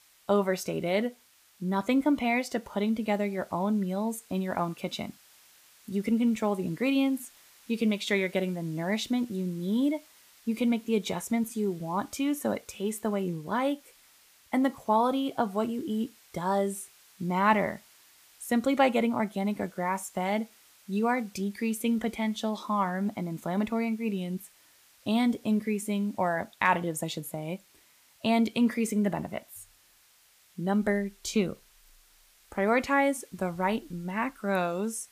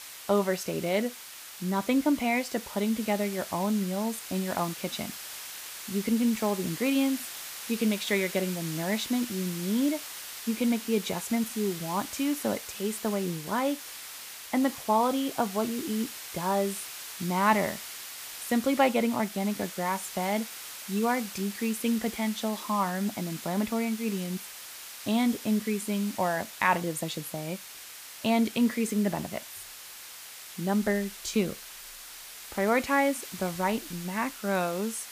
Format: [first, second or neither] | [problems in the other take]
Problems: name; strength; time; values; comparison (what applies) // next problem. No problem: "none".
first | hiss; loud; throughout; 10 dB below the speech; faint in the first